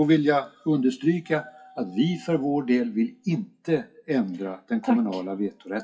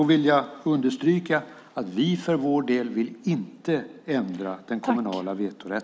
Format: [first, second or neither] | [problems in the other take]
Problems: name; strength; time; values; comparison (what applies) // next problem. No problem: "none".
second | noise reduction (classical method WPE with log-MMSE)